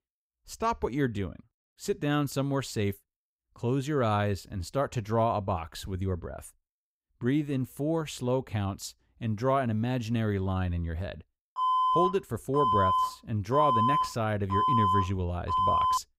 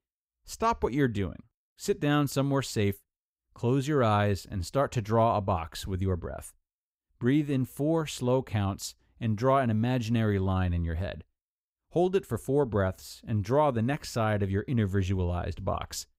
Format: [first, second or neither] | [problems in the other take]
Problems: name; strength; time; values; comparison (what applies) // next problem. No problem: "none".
second | alarm; loud; from 12 s on; peak 6 dB above the speech